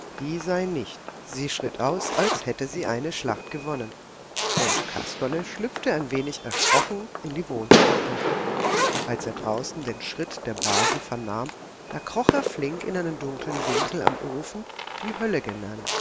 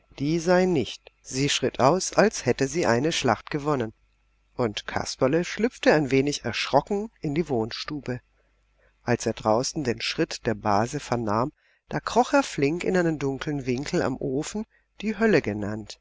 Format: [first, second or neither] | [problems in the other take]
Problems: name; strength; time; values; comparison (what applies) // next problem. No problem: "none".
second | background sound (Zipper (clothing) + Fireworks); 3 dB above the speech